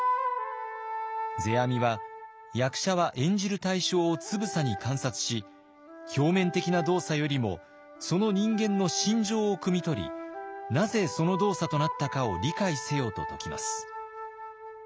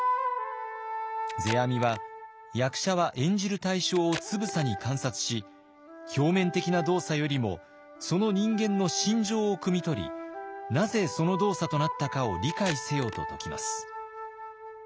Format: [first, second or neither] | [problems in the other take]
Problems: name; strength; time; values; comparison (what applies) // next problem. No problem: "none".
first | background sound (Packing tape, duct tape); 14 dB below the speech